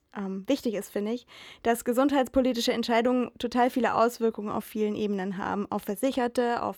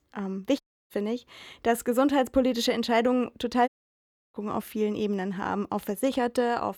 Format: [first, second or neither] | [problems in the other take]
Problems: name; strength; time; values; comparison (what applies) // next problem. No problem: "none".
first | audio cutting out; at 0.5 s and at 3.5 s for 0.5 s